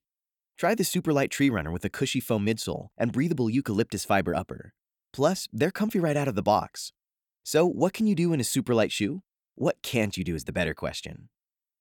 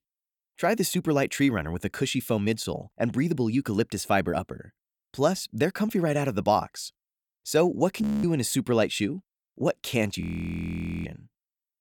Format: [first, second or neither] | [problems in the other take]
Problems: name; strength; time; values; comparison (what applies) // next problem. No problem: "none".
first | audio freezing; at 8 s and at 10 s for 1 s